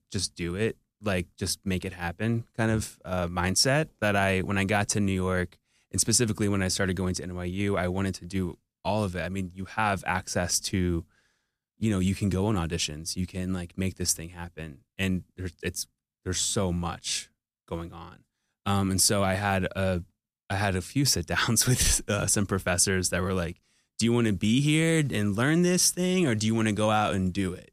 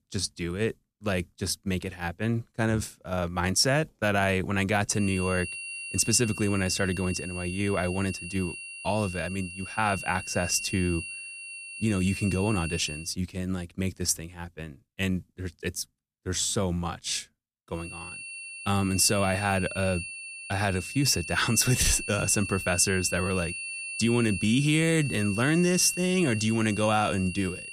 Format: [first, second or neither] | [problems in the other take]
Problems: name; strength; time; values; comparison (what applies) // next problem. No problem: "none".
first | high-pitched whine; loud; from 5 to 13 s and from 18 s on; 2.5 kHz, 8 dB below the speech